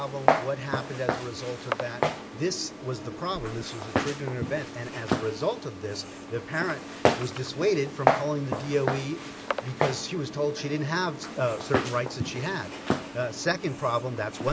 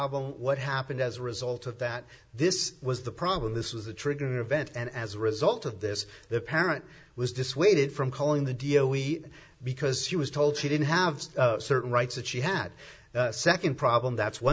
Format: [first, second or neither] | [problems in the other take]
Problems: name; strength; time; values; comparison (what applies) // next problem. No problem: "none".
second | background sound (Walk, footsteps); 1 dB below the speech